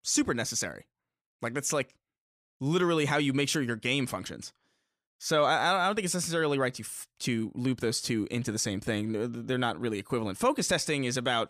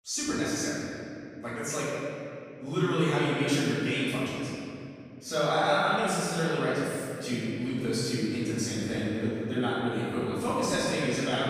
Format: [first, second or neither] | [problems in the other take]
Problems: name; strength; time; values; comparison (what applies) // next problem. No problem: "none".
first | room echo; strong; dies away in 2.4 s // off-mic speech; far